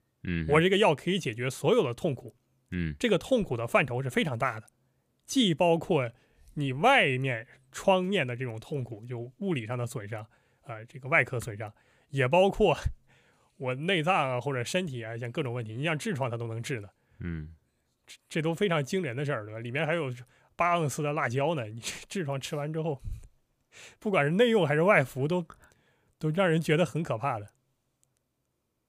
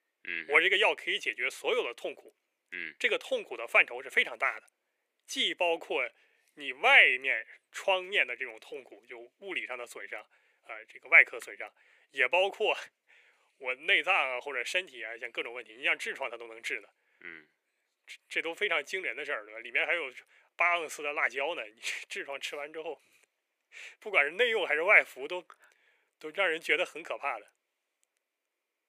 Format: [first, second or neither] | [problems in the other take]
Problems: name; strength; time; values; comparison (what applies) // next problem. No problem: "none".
first | thin; very; fading below 400 Hz